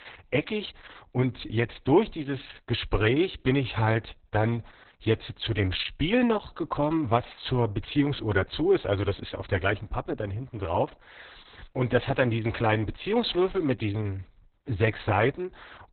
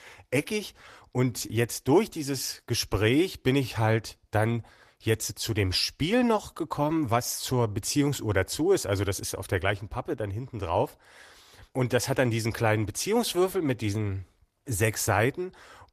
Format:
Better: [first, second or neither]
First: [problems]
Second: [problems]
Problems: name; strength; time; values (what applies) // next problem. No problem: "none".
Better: second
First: garbled, watery; badly; nothing above 4 kHz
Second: garbled, watery; slightly; nothing above 14.5 kHz